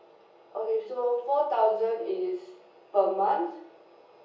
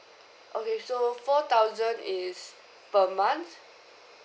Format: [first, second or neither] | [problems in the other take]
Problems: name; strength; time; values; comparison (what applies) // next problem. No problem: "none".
second | room echo; dies away in 0.7 s